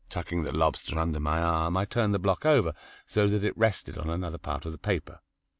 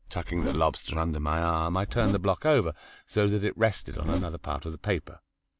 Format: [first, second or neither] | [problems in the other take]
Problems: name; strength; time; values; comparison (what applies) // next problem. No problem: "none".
first | background sound (Zipper (clothing)); 8 dB below the speech